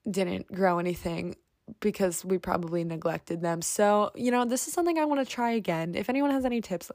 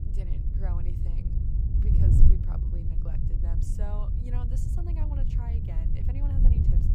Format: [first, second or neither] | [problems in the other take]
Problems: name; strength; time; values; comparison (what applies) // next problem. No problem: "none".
first | wind noise on the microphone; heavy; 4 dB above the speech